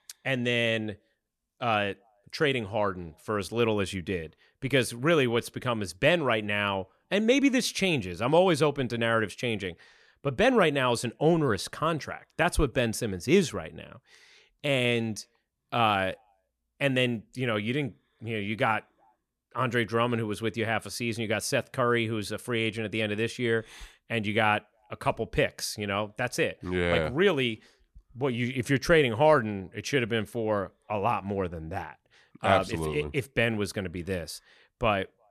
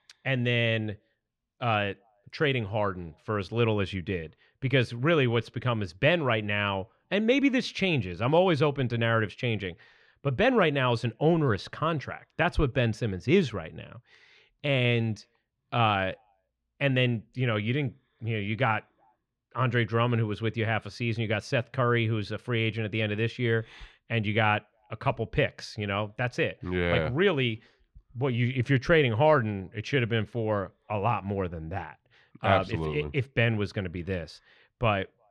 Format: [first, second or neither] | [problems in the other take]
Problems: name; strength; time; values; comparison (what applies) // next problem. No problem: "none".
first | muffled; very slightly; fading above 3.5 kHz